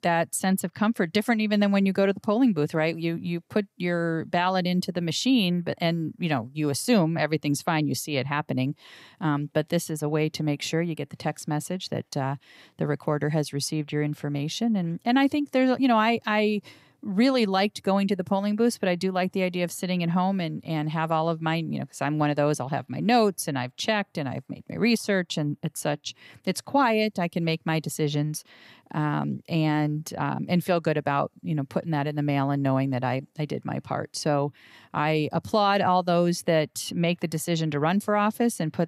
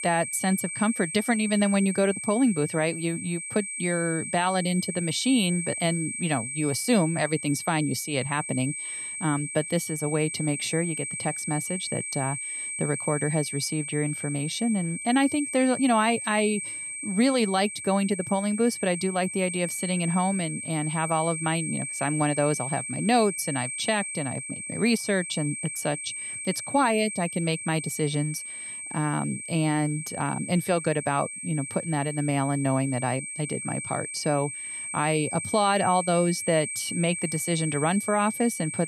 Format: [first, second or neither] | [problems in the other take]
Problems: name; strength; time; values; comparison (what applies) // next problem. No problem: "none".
first | high-pitched whine; loud; throughout; 8.5 kHz, 5 dB below the speech